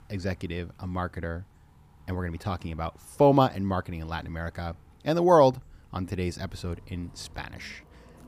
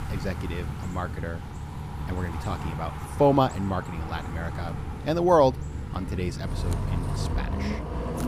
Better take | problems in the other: first | traffic noise; loud; throughout; 6 dB below the speech; faint in the first

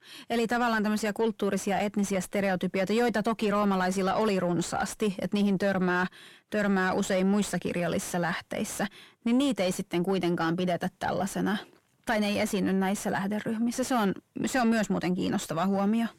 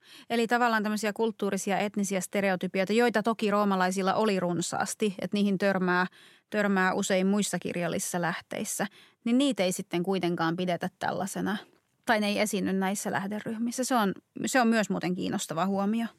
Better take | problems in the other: second | distortion; slight; 10 dB below the speech

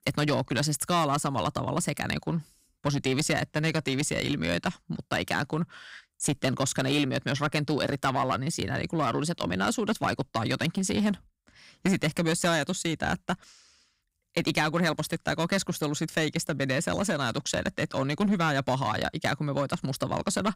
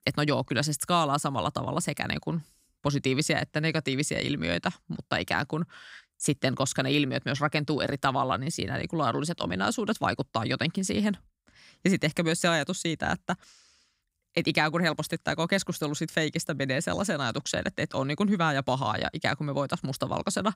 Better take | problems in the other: second | distortion; slight; 5% of the sound clipped

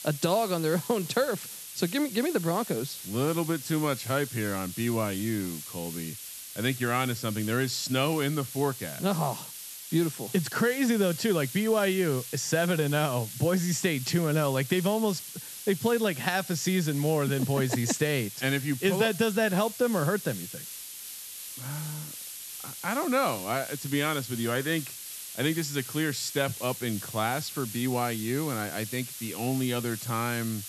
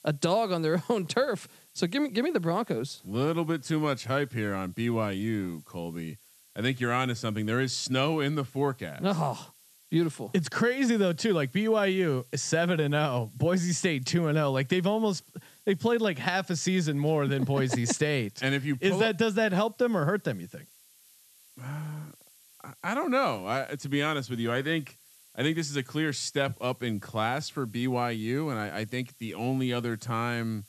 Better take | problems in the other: second | hiss; loud; throughout; 10 dB below the speech; faint in the second

